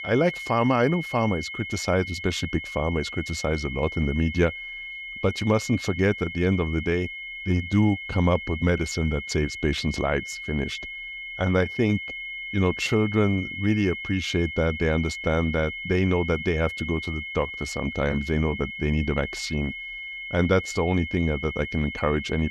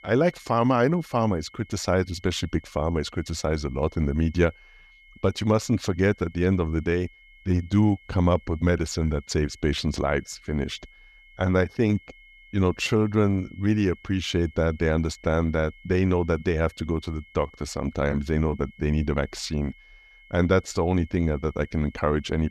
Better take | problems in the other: second | high-pitched whine; loud; throughout; 2 kHz, 8 dB below the speech; faint in the second

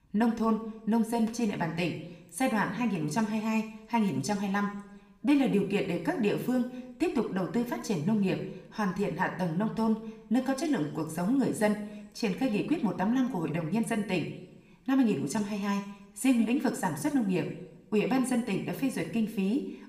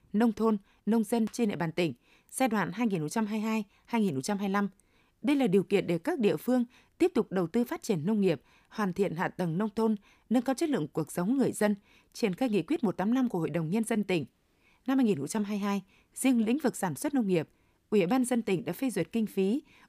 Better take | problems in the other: second | room echo; slight; dies away in 0.8 s

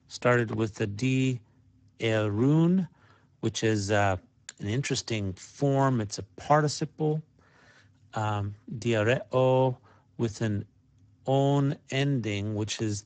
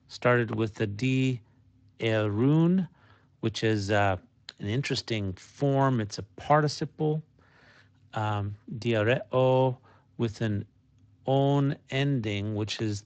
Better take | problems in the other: second | garbled, watery; badly; nothing above 7.5 kHz; slightly in the second

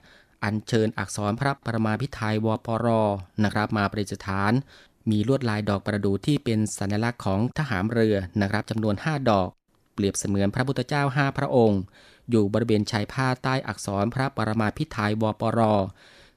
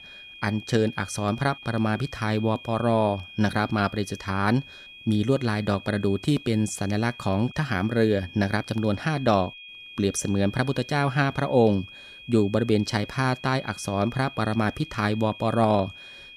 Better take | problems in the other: first | high-pitched whine; noticeable; throughout; 2.5 kHz, 15 dB below the speech

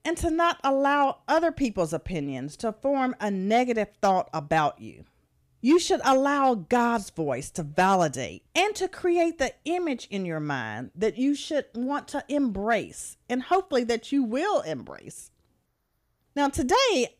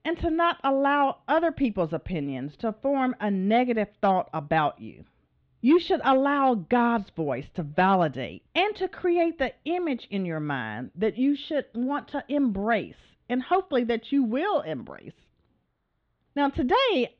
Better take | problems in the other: first | muffled; slightly; fading above 3.5 kHz

